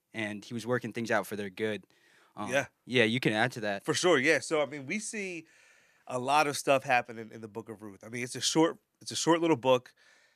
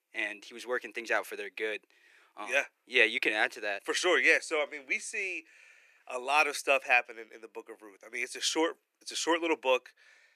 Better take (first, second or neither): first